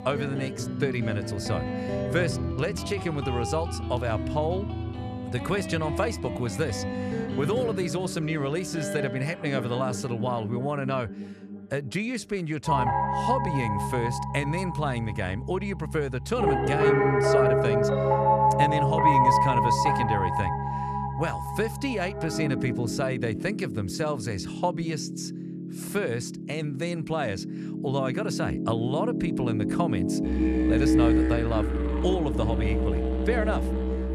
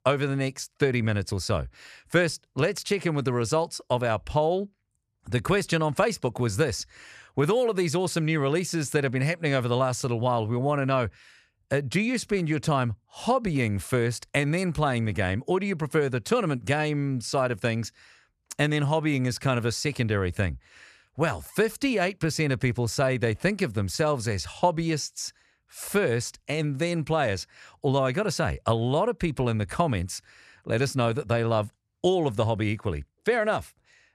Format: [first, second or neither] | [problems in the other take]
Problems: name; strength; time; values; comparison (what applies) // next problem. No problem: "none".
second | background music; very loud; throughout; 2 dB above the speech